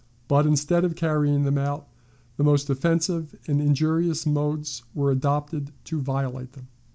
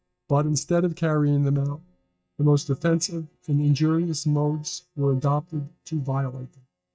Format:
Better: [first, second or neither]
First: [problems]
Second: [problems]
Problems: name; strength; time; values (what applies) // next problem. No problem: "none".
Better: first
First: none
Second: noise reduction (neural mask model DeepFilterNet 3)